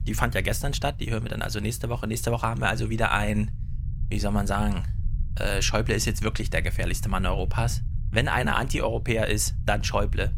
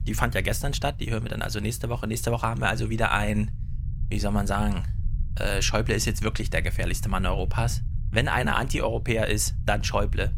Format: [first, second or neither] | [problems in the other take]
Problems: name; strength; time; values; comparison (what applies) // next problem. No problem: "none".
neither | low rumble; faint; throughout; 20 dB below the speech; the same in both